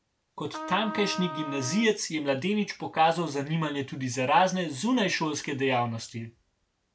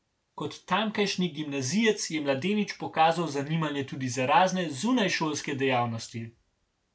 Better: second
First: background sound (Trumpet); 10 dB below the speech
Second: none

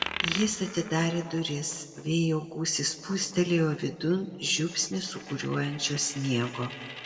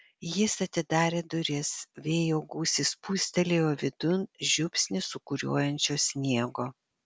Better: second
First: background sound (Coin (dropping)); 12 dB below the speech // room echo; dies away in 1.3 s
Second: none

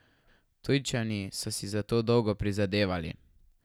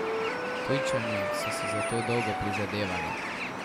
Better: first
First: none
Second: background sound (Bird + Wind instrument, woodwind instrument); 4 dB above the speech

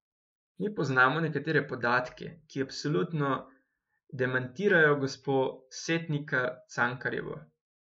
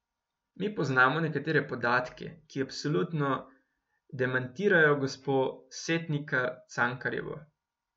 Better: second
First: noise reduction (neural mask model Resemble Enhance denoiser)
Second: none

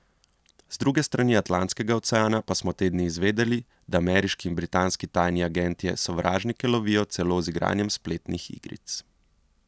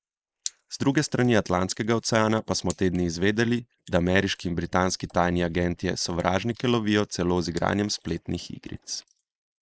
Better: first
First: none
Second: noise reduction (neural mask model Resemble Enhance denoiser)

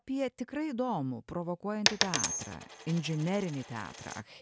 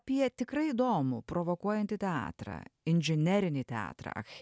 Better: second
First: background sound (Coin (dropping)); 1 dB below the speech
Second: none

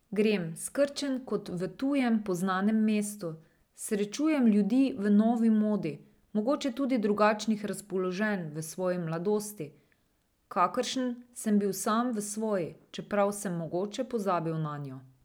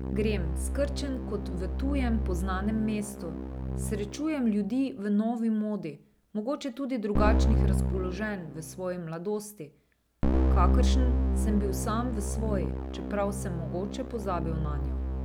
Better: first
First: none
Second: background sound (Keyboard (musical)); 3 dB above the speech

